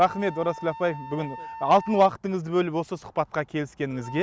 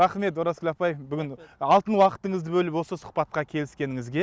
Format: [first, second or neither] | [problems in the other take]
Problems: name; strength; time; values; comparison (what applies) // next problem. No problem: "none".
second | background sound (Wind instrument, woodwind instrument); 16 dB below the speech